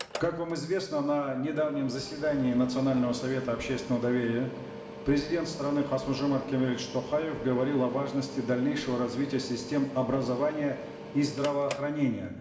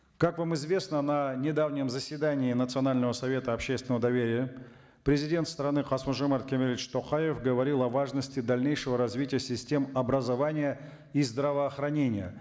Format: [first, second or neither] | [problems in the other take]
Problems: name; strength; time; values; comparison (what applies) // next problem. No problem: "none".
second | background sound (Mechanical fan); 13 dB below the speech // room echo; dies away in 1.2 s